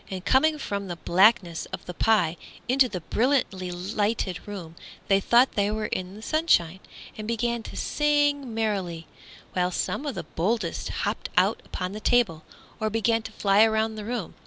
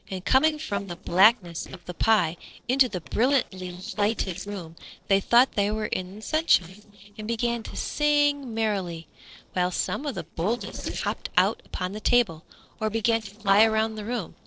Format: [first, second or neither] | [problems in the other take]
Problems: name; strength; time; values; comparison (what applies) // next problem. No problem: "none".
first | noise reduction (neural separator model SepFormer DNS4)